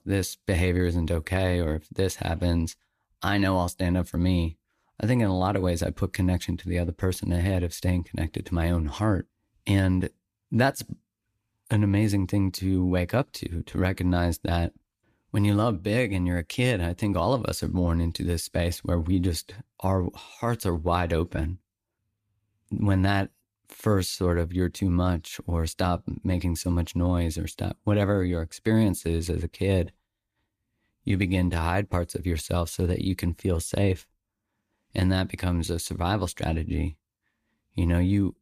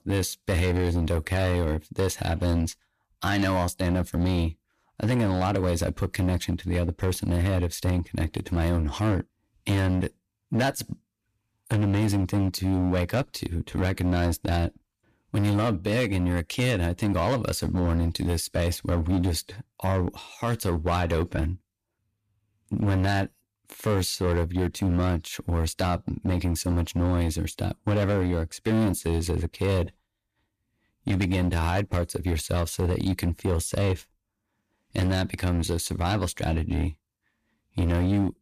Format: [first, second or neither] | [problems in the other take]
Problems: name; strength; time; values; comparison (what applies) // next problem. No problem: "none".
first | distortion; slight; 14% of the sound clipped